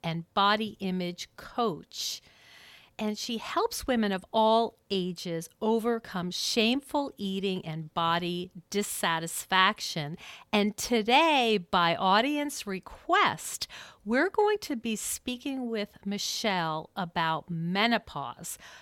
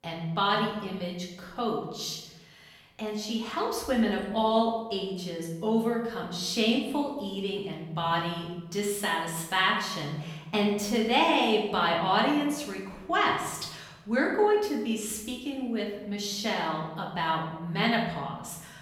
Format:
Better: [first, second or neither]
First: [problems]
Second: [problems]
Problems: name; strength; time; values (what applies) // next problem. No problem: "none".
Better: first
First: none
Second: room echo; noticeable; dies away in 1 s // off-mic speech; far